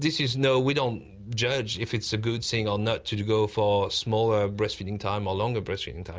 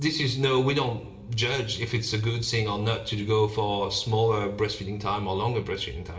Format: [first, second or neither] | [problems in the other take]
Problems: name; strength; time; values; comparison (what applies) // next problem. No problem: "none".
first | room echo; dies away in 1.3 s